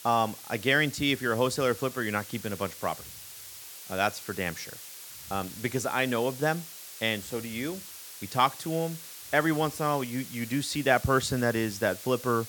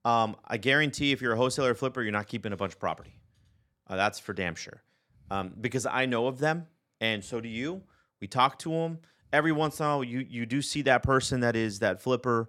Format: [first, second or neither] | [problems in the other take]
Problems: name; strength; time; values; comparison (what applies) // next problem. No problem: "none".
second | hiss; noticeable; throughout; 15 dB below the speech